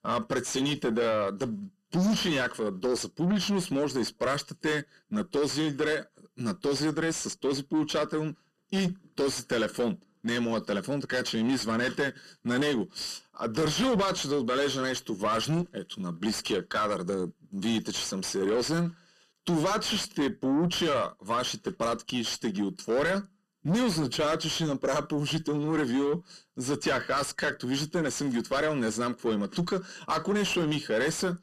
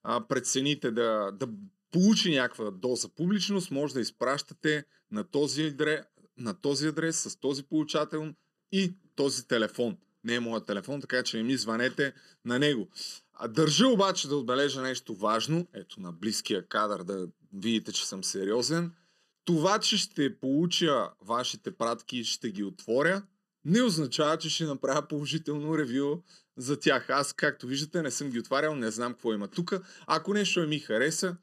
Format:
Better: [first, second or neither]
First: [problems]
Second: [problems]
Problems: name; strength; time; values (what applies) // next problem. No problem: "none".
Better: second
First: distortion; heavy; 7 dB below the speech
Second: none